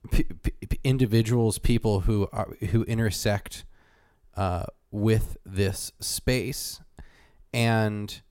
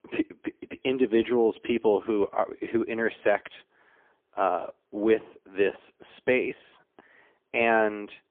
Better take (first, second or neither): first